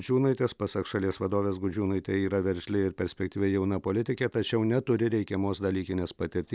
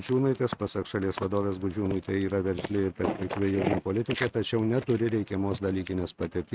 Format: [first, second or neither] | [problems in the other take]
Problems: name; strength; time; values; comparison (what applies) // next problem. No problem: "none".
first | noise reduction (neural mask model RNNoise)